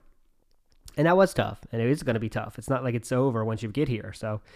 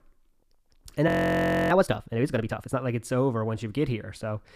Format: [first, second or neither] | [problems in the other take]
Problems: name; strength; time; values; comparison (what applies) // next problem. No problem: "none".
first | audio freezing; at 1 s for 0.5 s